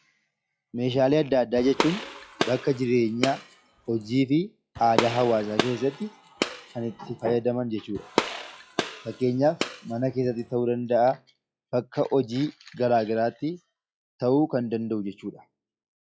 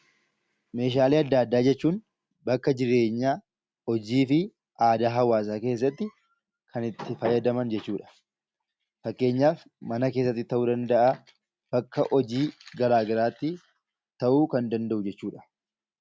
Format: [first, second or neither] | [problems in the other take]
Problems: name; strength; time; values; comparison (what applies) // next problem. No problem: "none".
second | noise reduction (classical method log-MMSE)